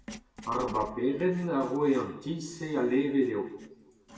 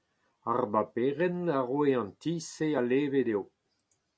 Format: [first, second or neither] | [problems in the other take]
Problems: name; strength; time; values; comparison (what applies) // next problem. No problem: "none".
second | background sound (Writing); 19 dB below the speech // room echo; dies away in 1 s